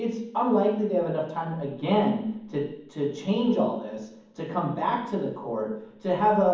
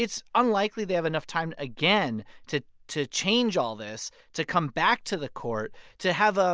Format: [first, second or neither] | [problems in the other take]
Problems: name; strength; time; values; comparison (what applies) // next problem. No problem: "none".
second | room echo; dies away in 1.2 s